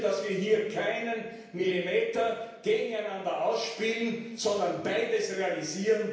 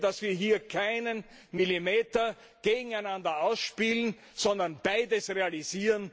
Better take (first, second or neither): second